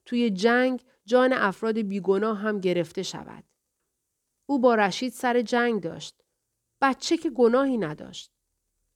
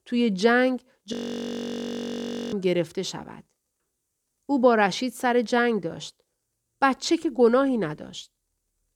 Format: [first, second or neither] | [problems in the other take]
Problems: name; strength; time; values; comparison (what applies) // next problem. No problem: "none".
first | audio freezing; at 1 s for 1.5 s